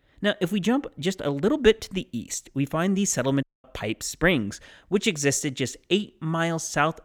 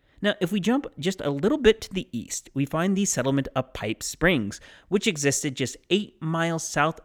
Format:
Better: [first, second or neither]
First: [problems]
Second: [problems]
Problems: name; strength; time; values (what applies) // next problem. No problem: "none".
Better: second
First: audio cutting out; at 3.5 s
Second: none